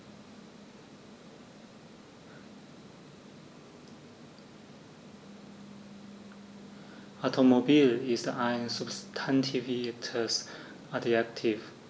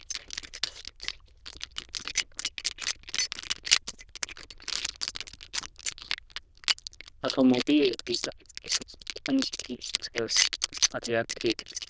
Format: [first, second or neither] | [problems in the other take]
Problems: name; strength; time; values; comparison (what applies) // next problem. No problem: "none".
first | noise reduction (neural diffusion model UNIVERSE++)